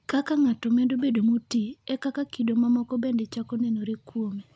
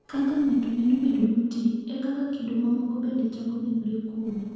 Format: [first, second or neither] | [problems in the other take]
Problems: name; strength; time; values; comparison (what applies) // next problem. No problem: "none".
first | noise reduction (neural separator model SepFormer DNS4)